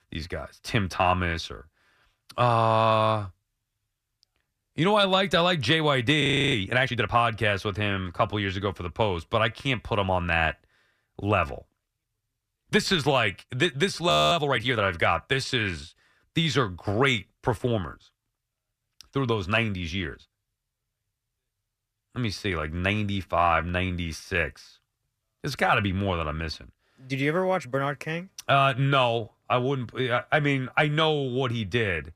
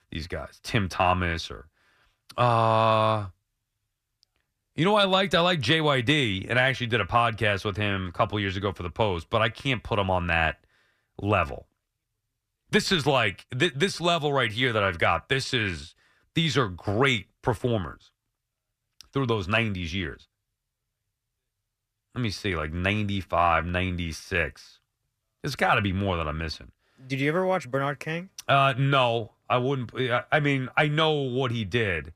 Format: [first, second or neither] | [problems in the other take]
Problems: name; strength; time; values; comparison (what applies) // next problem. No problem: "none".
second | audio freezing; at 6 s and at 14 s